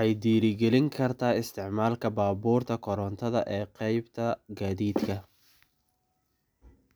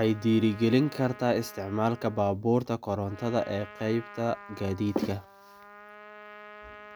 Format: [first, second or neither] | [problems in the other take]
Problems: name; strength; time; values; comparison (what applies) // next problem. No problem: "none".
first | background sound (Trumpet); 19 dB below the speech